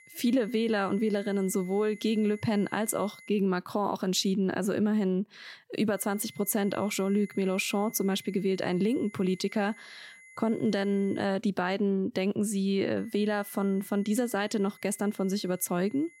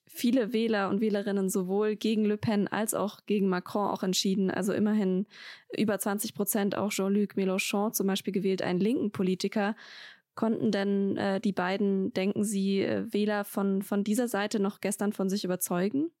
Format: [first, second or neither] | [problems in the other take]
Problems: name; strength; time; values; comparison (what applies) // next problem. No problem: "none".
second | high-pitched whine; faint; until 3.5 s, from 6 to 11 s and from 13 s on; 2 kHz, 25 dB below the speech